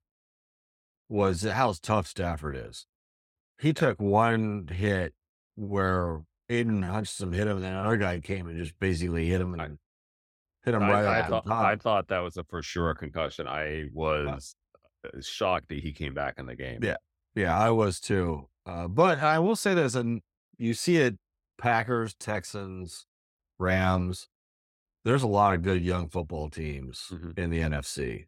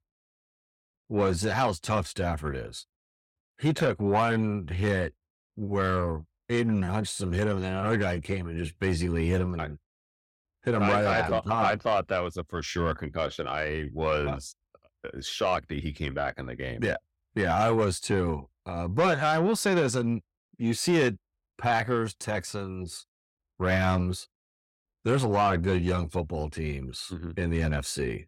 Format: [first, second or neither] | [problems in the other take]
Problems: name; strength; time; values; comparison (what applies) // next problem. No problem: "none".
first | distortion; slight; 10 dB below the speech